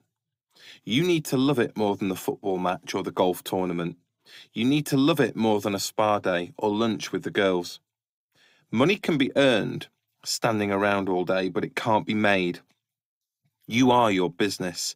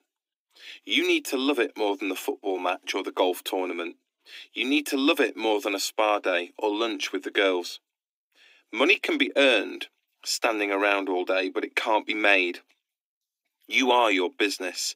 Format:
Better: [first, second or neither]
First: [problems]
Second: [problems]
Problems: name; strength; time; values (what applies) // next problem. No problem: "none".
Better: first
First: none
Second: thin; very slightly; fading below 300 Hz